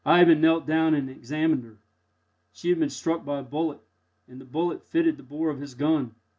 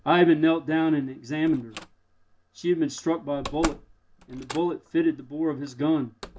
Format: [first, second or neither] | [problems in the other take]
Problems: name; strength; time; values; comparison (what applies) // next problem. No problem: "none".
first | background sound (Slam); 16 dB below the speech